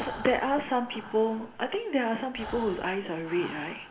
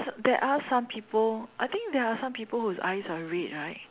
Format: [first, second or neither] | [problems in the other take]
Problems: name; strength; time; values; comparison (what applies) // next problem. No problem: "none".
second | background sound (Breathing); 14 dB below the speech // room echo; dies away in 2.8 s